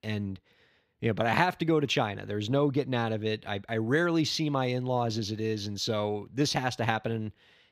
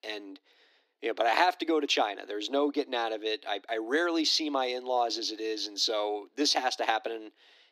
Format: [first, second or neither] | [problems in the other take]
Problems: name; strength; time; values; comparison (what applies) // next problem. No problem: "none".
first | thin; somewhat; fading below 300 Hz